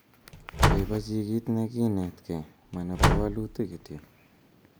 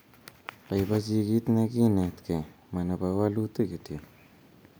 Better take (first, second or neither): second